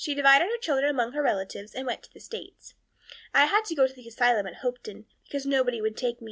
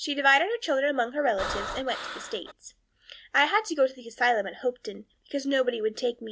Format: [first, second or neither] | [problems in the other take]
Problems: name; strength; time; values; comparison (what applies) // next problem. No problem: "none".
first | background sound (Breathing); 8 dB below the speech